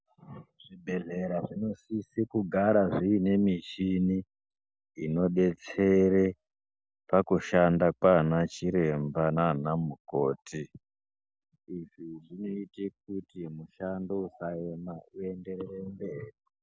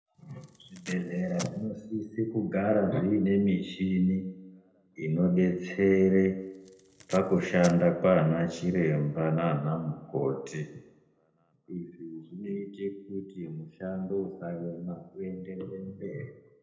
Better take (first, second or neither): first